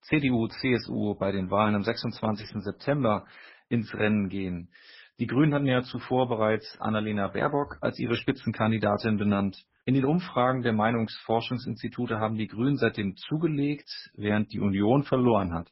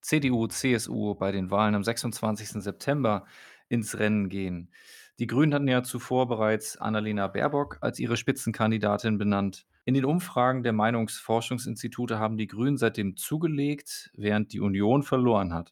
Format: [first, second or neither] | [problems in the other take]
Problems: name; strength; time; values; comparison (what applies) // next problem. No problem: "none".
second | garbled, watery; badly; nothing above 5.5 kHz